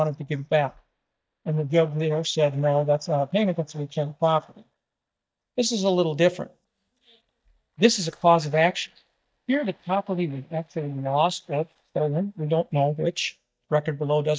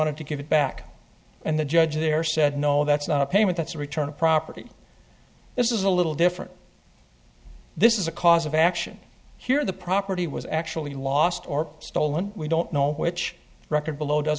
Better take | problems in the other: second | noise reduction (neural mask model DeepFilterNet 3)

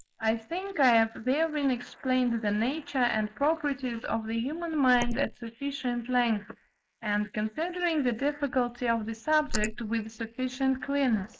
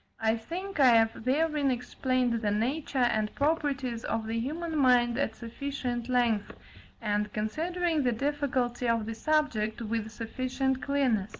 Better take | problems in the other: second | noise reduction (neural mask model Resemble Enhance denoiser)

